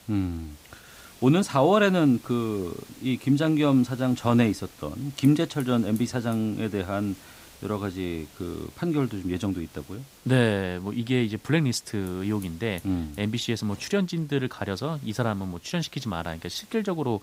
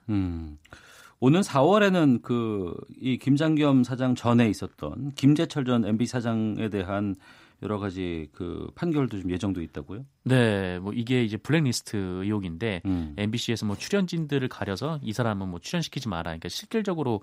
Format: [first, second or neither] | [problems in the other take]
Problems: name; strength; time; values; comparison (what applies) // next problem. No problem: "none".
second | hiss; faint; throughout; 25 dB below the speech